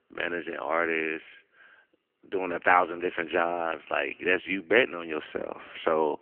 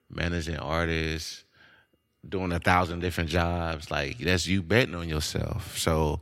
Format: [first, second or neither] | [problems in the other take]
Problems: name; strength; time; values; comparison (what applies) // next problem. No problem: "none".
second | phone-call audio; nothing above 3 kHz